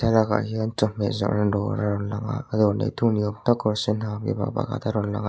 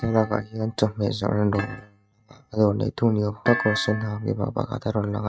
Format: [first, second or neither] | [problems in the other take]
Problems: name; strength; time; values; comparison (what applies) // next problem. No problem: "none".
first | noise reduction (neural mask model RNNoise)